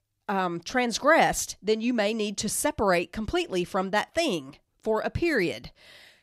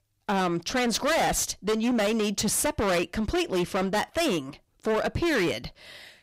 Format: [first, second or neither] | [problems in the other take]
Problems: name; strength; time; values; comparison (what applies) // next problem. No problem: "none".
first | distortion; heavy; 22% of the sound clipped